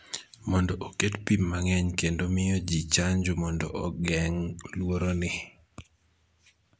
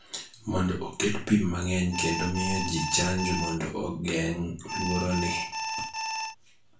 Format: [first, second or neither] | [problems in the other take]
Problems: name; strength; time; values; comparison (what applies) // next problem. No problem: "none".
first | background sound (Alarm); 4 dB below the speech // room echo; dies away in 0.3 s